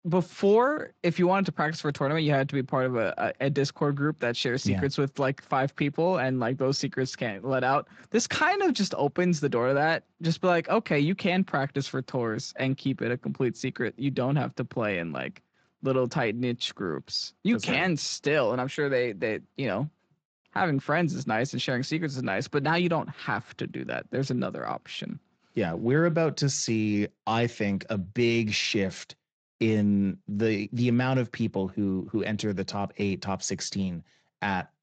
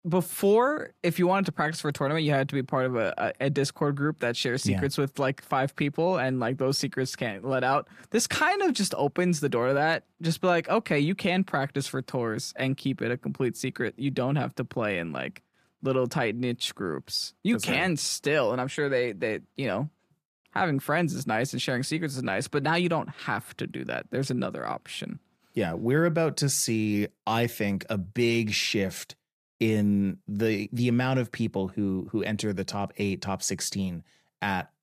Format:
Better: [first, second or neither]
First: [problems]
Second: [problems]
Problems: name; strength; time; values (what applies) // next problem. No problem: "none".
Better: second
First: garbled, watery; slightly; nothing above 7.5 kHz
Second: none